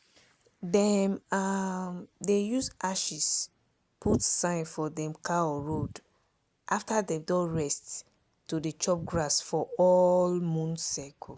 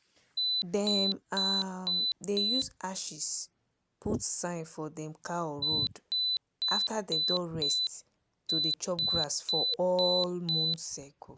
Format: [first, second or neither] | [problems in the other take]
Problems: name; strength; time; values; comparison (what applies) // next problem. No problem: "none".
first | background sound (Alarm); 3 dB above the speech